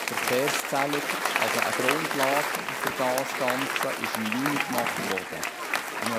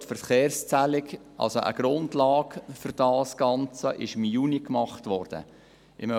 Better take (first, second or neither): second